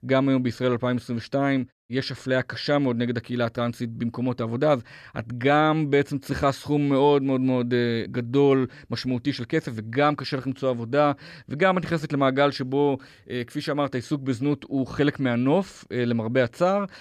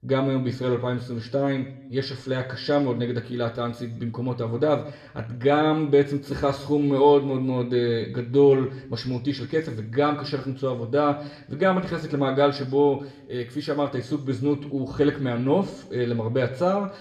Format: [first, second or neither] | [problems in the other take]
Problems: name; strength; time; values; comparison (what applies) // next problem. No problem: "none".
first | room echo; slight; dies away in 0.6 s // off-mic speech; somewhat distant